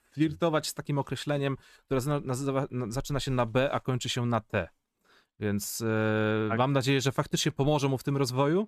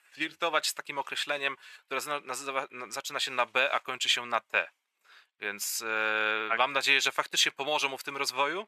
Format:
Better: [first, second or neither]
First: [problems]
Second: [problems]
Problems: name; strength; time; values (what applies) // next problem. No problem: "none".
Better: first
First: none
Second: thin; very; fading below 750 Hz